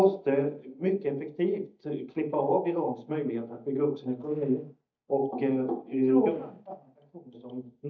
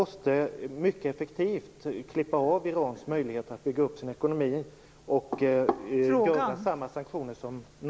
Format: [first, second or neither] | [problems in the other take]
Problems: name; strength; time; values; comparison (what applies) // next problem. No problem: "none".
second | noise reduction (neural mask model DeepFilterNet 3)